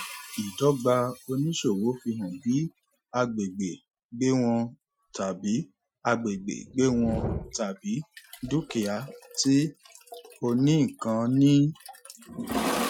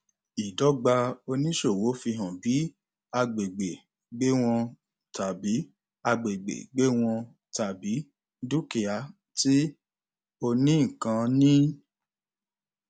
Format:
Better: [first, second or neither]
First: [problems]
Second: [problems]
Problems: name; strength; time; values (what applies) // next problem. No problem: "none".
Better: second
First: noise reduction (classical method Wiener filter)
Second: none